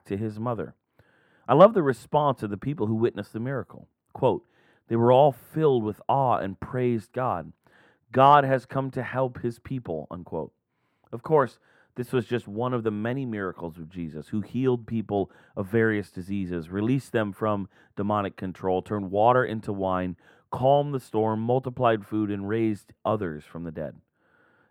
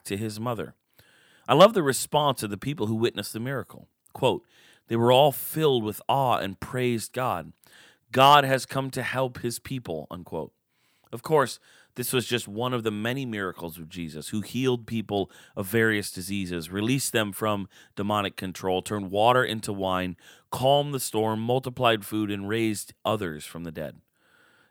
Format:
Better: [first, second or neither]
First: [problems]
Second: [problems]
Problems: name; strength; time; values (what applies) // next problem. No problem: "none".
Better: second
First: muffled; very; fading above 2.5 kHz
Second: none